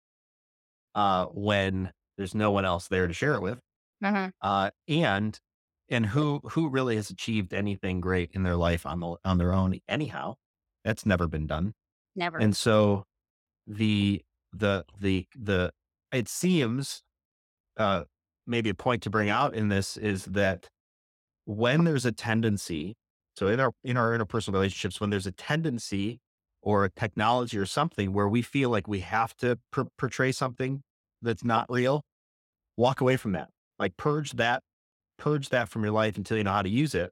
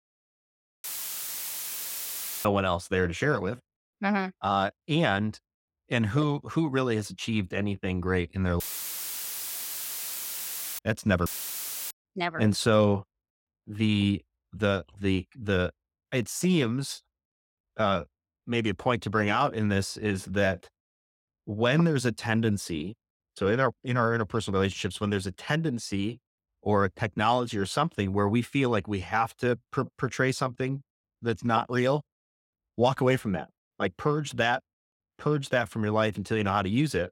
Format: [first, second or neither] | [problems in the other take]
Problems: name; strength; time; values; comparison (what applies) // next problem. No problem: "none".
first | audio cutting out; filled with static; at 1 s for 1.5 s, at 8.5 s for 2 s and at 11 s for 0.5 s